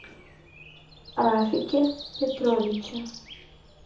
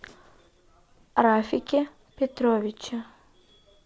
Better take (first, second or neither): second